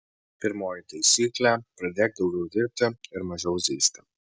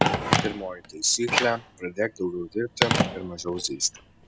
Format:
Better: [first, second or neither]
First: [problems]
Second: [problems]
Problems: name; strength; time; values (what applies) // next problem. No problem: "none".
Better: first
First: none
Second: background sound (Telephone); 1 dB above the speech